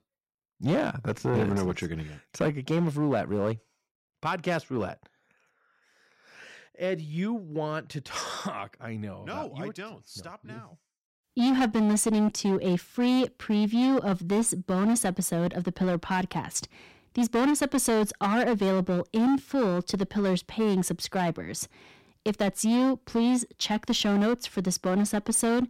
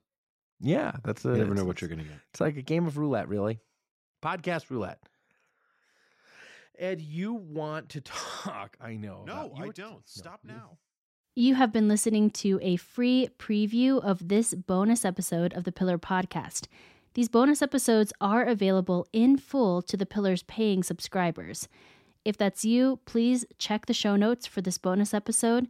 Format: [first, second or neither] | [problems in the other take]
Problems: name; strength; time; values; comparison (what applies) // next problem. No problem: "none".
second | distortion; slight; 10% of the sound clipped